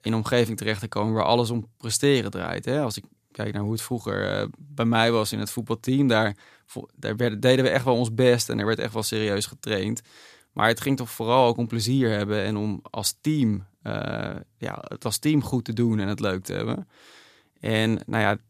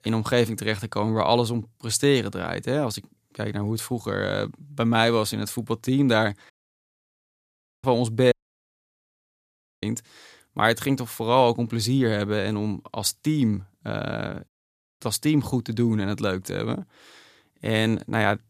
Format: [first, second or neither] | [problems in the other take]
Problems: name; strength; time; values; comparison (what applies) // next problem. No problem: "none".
first | audio cutting out; at 6.5 s for 1.5 s, at 8.5 s for 1.5 s and at 14 s for 0.5 s